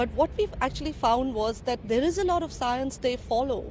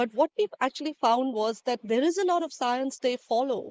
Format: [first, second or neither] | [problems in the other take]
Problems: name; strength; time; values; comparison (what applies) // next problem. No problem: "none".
first | noise reduction (neural mask model Resemble Enhance denoiser)